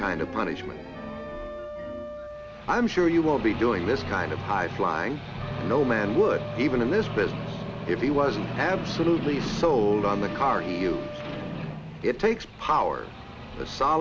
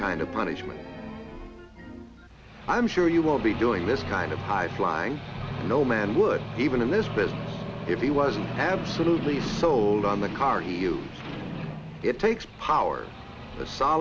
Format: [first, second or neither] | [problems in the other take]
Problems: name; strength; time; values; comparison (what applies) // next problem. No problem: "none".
second | background sound (Wind instrument, woodwind instrument); 14 dB below the speech